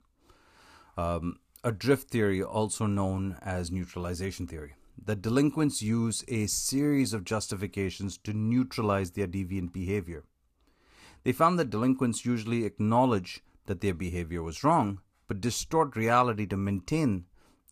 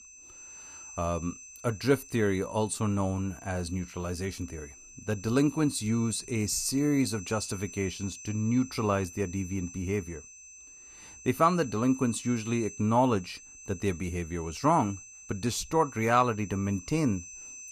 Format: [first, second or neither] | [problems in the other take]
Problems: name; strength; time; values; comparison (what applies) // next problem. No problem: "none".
first | high-pitched whine; noticeable; throughout; 6 kHz, 15 dB below the speech